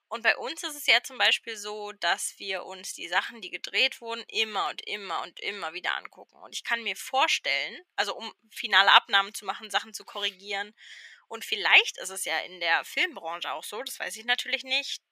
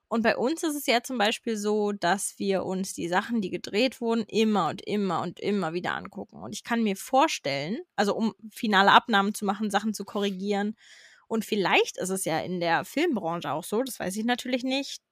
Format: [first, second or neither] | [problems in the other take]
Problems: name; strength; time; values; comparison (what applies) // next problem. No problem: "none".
second | thin; very; fading below 700 Hz